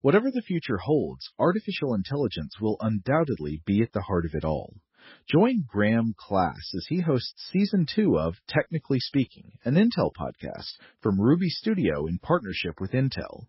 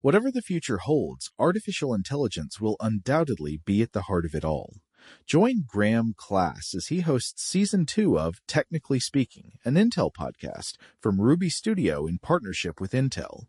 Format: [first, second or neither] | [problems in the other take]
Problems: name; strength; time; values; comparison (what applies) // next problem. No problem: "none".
second | garbled, watery; badly; nothing above 5.5 kHz; slightly in the second